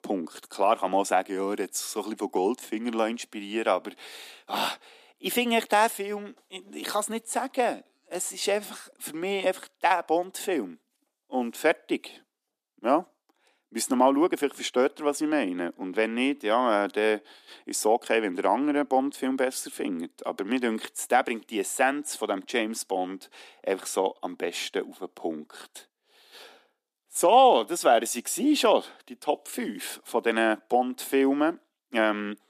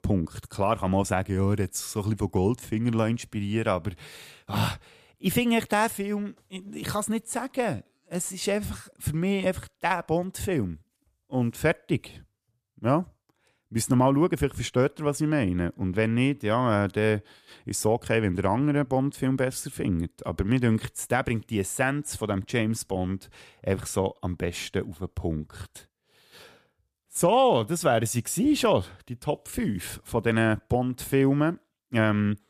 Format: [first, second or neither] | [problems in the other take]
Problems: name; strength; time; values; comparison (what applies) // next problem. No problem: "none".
second | thin; somewhat; fading below 250 Hz